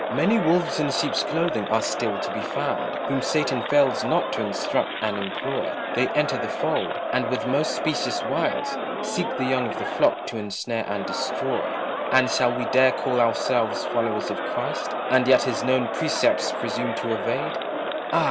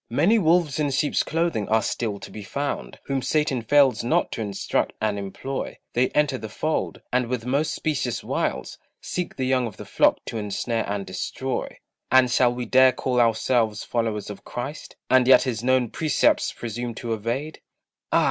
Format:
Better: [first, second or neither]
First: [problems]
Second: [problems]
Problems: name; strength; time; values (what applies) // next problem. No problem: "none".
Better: second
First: background sound (Crowd); 2 dB below the speech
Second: none